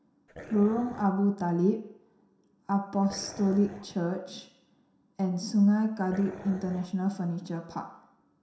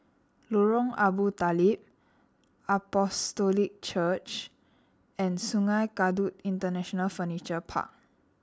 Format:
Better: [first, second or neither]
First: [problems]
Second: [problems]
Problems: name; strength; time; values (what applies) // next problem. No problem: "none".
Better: second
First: background sound (Dog); 16 dB below the speech // room echo; dies away in 0.7 s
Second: none